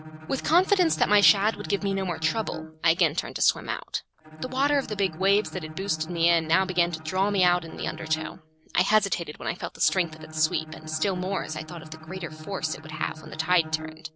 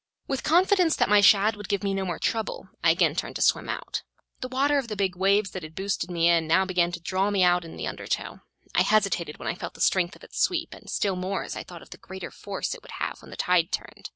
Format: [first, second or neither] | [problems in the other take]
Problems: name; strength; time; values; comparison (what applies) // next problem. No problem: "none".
second | background sound (Bowed string instrument); 13 dB below the speech